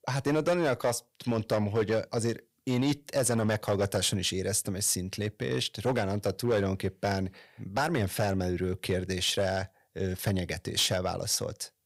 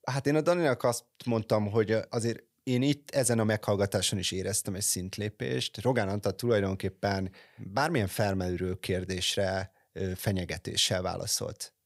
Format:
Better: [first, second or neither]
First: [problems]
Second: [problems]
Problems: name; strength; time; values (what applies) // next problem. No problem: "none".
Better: second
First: distortion; slight; 5% of the sound clipped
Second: none